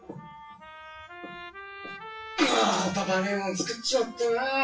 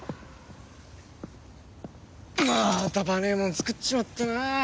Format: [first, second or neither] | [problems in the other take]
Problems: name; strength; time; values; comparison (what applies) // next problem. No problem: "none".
second | noise reduction (classical method WPE with log-MMSE)